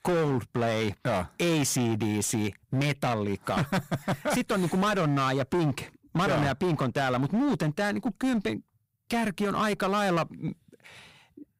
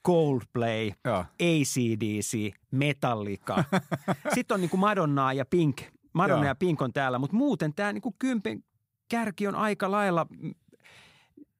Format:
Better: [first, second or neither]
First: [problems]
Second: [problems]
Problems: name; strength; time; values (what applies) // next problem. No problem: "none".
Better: second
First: distortion; heavy; 22% of the sound clipped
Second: none